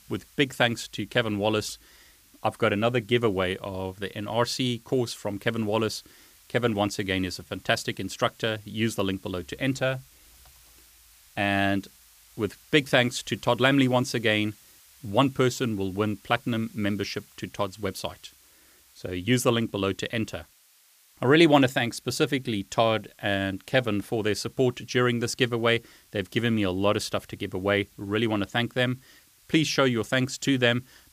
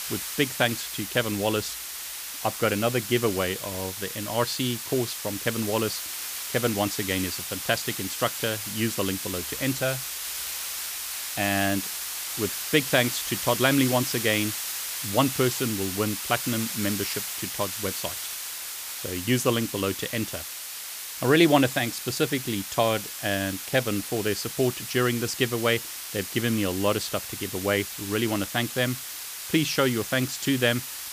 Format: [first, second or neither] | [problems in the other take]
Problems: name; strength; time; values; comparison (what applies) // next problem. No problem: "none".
first | hiss; loud; throughout; 5 dB below the speech; faint in the first